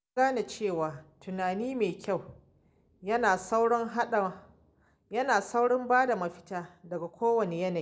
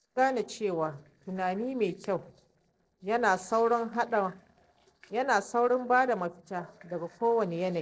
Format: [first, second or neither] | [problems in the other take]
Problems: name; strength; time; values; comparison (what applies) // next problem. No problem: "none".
first | noise reduction (neural separator model SepFormer DNS4)